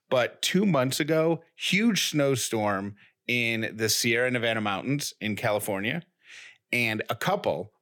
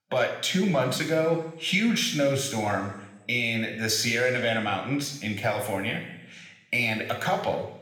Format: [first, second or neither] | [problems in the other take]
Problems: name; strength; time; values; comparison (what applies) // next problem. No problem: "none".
first | room echo; slight; dies away in 1 s